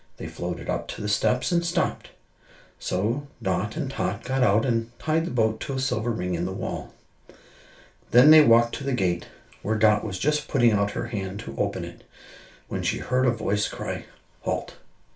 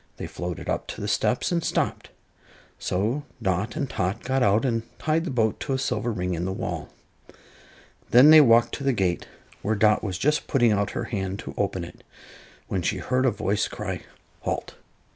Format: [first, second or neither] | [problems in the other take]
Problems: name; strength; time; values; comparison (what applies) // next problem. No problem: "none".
second | room echo; dies away in 0.3 s